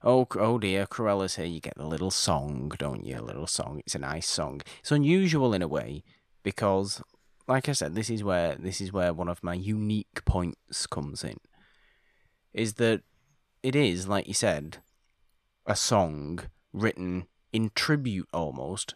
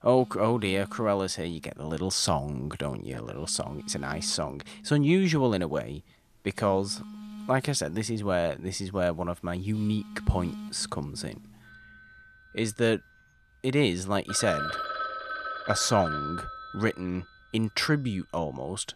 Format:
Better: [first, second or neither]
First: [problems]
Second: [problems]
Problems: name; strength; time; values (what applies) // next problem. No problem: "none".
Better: first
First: none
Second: alarms or sirens; loud; throughout; 10 dB below the speech